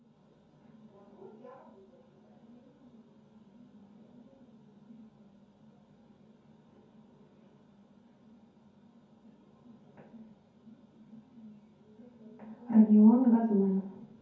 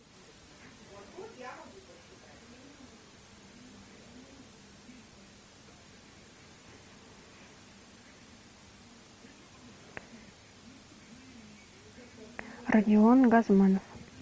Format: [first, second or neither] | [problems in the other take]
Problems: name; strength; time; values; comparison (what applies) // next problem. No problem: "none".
second | room echo; dies away in 0.6 s